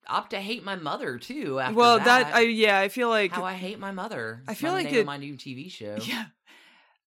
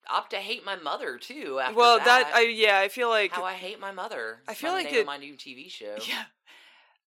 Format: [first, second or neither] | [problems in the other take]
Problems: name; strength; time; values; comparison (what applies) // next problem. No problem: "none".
first | thin; somewhat; fading below 500 Hz